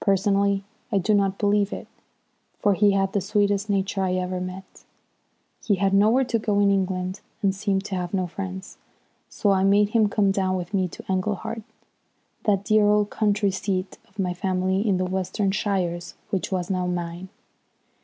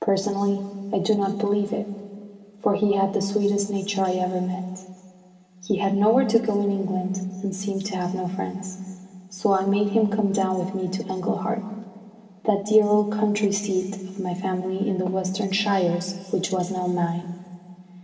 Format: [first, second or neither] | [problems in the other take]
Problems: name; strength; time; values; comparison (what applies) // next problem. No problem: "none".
first | room echo; dies away in 2.9 s